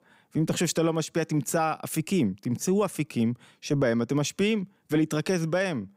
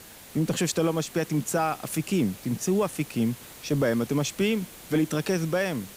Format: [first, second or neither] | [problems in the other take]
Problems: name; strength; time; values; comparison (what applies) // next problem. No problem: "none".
first | hiss; noticeable; throughout; 15 dB below the speech